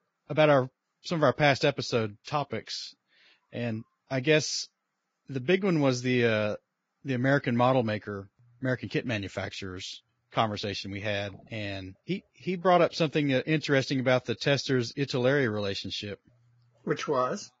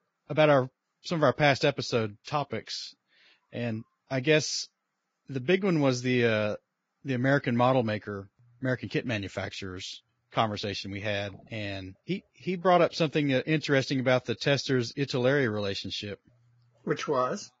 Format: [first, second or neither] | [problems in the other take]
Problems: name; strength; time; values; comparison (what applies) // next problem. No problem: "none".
neither | garbled, watery; badly; the same in both